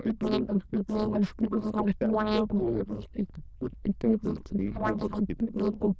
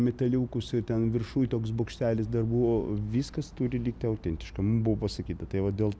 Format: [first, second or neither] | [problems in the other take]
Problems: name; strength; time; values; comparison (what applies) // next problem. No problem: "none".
second | noise reduction (neural diffusion model UNIVERSE++)